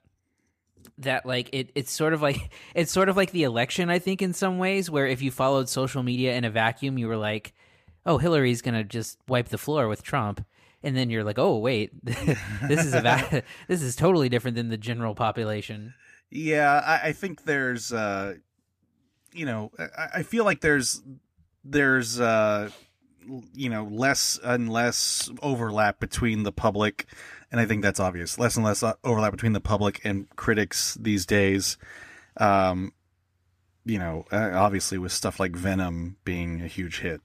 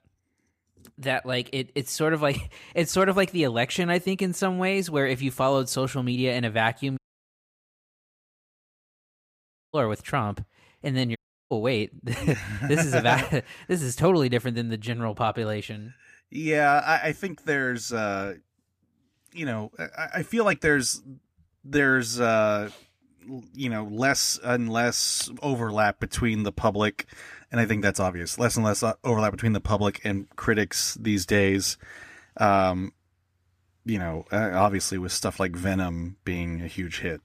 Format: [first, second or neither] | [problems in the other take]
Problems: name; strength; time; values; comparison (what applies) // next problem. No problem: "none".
first | audio cutting out; at 7 s for 3 s and at 11 s